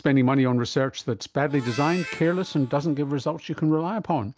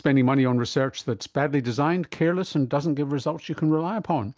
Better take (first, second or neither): second